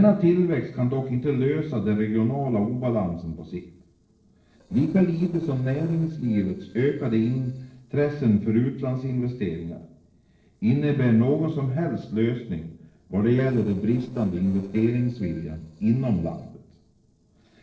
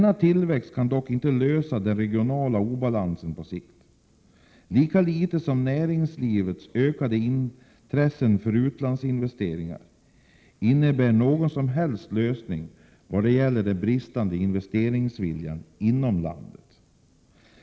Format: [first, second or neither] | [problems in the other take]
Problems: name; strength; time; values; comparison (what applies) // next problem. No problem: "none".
second | noise reduction (neural separator model SepFormer DNS4)